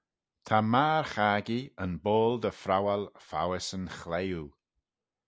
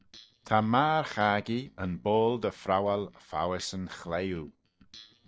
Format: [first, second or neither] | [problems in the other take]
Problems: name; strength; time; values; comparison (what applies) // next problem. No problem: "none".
first | noise reduction (neural separator model SepFormer DNS4)